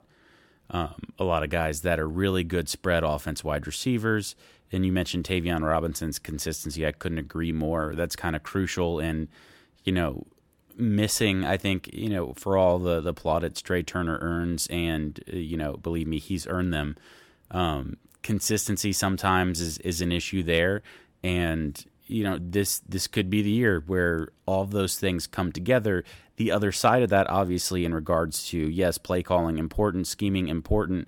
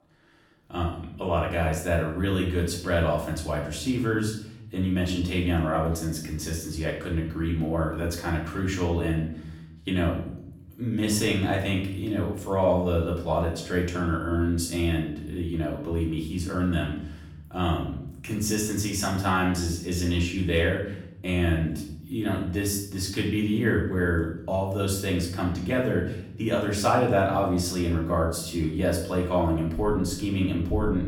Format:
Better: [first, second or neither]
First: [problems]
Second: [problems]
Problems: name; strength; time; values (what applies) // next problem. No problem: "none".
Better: first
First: none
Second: room echo; noticeable; dies away in 0.7 s // off-mic speech; far